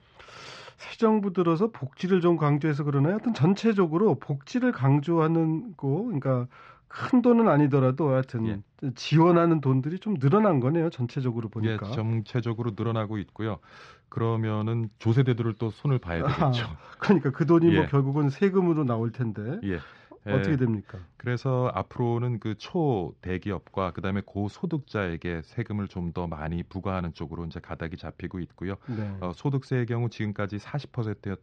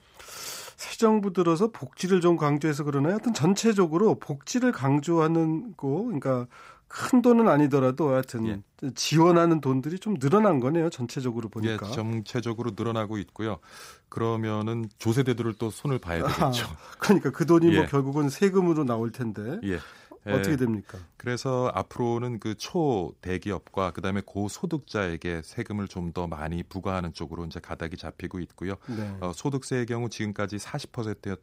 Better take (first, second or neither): second